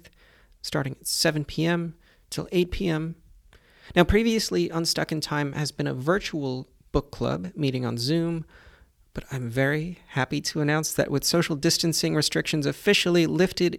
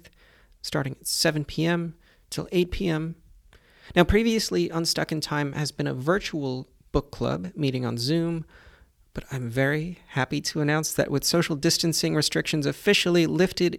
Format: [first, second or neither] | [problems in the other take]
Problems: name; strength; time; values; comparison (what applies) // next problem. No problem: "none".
neither | none